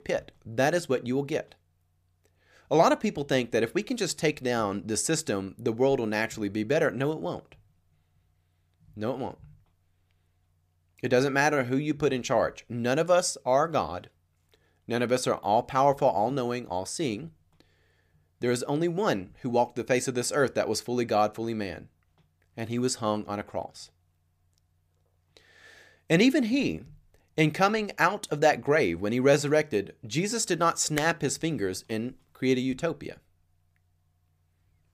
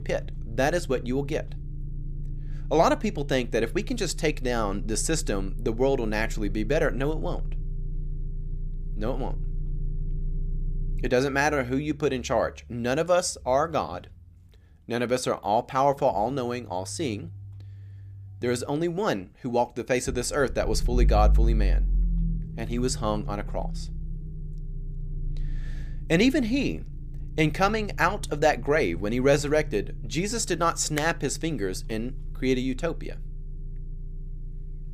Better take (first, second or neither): first